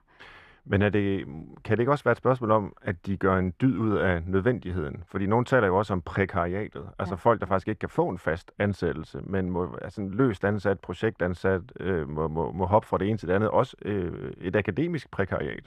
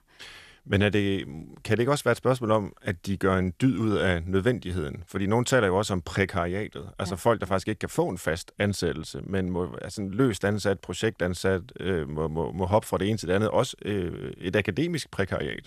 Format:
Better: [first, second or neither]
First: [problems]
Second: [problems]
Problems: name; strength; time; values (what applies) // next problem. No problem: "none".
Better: second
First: muffled; very; fading above 3.5 kHz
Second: none